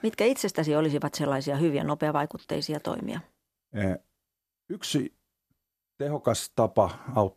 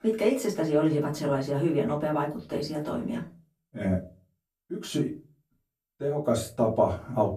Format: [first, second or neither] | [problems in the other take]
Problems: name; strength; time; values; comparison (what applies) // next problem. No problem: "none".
first | off-mic speech; far // room echo; very slight; dies away in 0.3 s